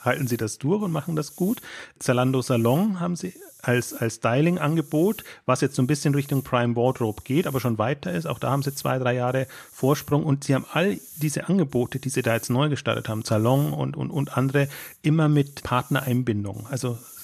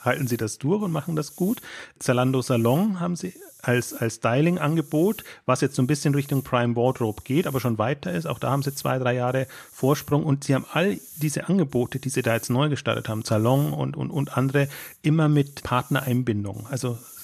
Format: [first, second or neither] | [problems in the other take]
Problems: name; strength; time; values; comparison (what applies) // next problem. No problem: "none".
neither | hiss; noticeable; throughout; 20 dB below the speech; the same in both